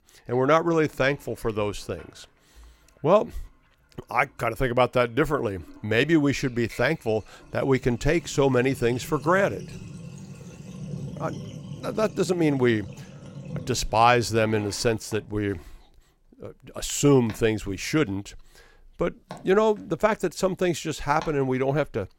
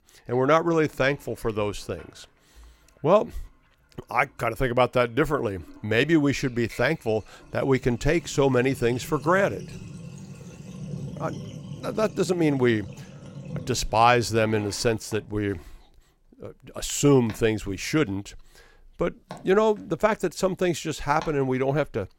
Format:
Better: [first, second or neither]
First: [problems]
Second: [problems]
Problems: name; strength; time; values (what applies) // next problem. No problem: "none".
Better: neither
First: household noises; noticeable; throughout; 20 dB below the speech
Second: household noises; noticeable; throughout; 20 dB below the speech